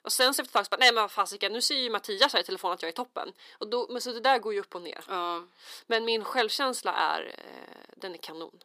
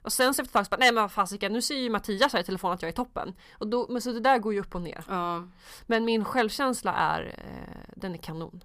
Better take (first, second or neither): second